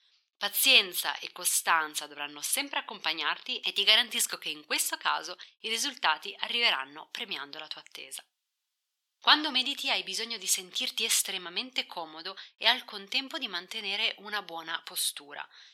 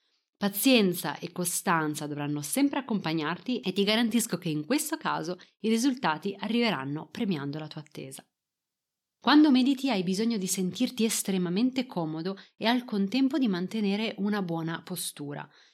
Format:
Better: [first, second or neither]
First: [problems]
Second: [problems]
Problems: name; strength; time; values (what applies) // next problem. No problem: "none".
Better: second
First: thin; very; fading below 950 Hz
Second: none